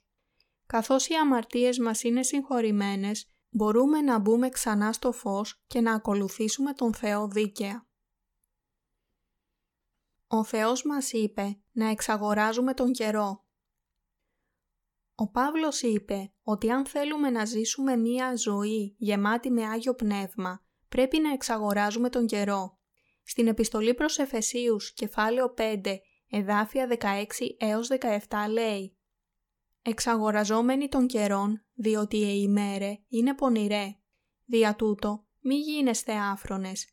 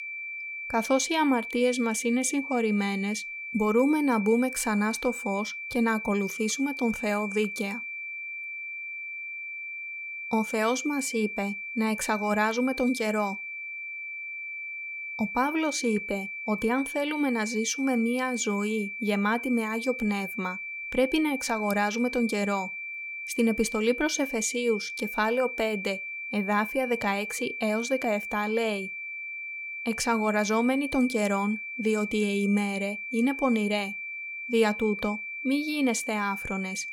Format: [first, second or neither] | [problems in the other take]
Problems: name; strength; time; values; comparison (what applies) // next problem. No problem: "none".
first | high-pitched whine; loud; throughout; 2.5 kHz, 6 dB below the speech